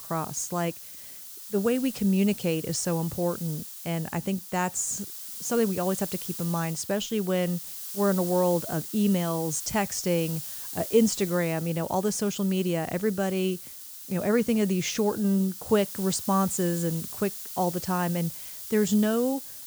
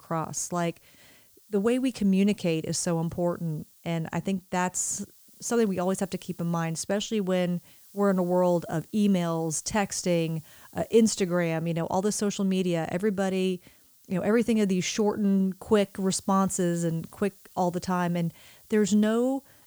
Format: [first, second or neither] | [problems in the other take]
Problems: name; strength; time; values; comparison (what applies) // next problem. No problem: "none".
second | hiss; loud; throughout; 9 dB below the speech; faint in the second